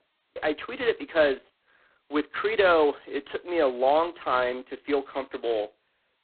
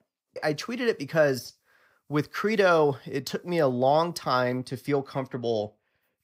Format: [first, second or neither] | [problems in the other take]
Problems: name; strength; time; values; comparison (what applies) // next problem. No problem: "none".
second | phone-call audio; poor line; nothing above 4 kHz